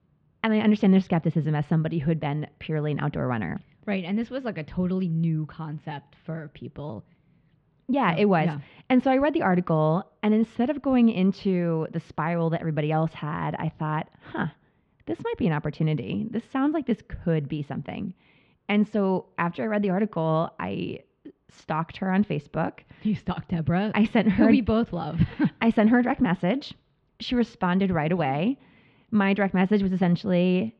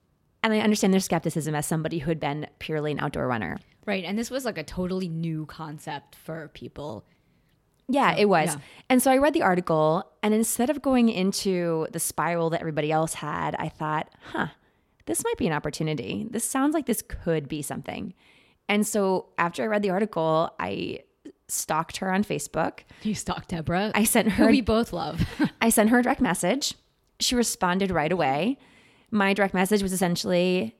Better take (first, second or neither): second